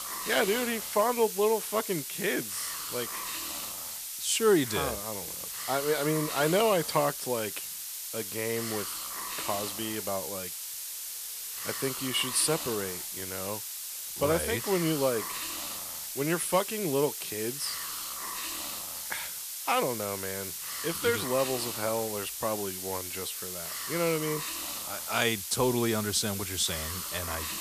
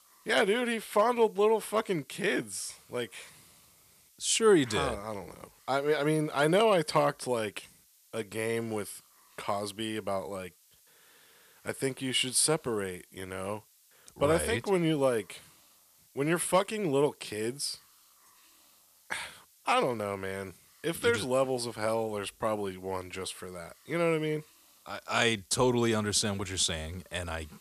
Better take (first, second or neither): second